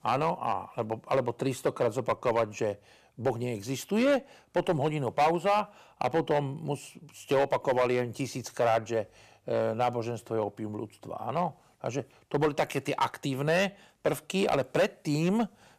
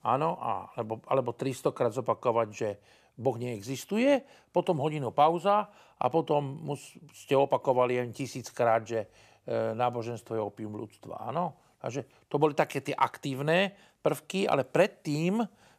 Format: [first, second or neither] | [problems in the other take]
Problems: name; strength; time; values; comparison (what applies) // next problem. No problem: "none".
second | distortion; slight; 4% of the sound clipped